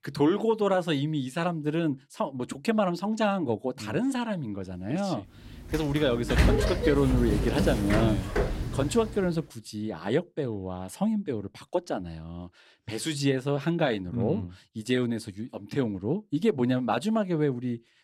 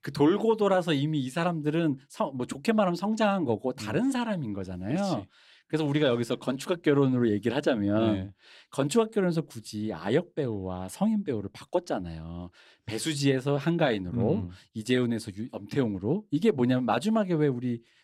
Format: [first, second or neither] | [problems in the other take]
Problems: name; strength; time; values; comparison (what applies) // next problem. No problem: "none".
second | door banging; loud; from 5.5 to 9 s; peak 5 dB above the speech